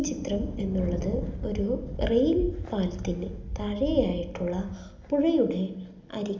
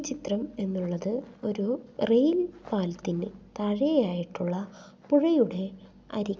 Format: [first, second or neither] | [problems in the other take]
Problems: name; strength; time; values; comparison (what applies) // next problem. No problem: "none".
second | background sound (Thunder); 8 dB below the speech // room echo; dies away in 0.8 s